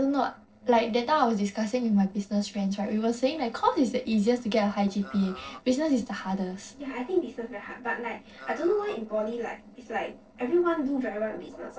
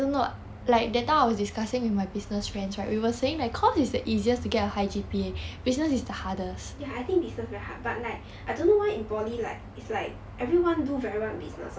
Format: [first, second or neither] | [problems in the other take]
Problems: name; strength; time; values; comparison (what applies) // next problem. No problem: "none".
second | noise reduction (neural separator model SepFormer DNS4)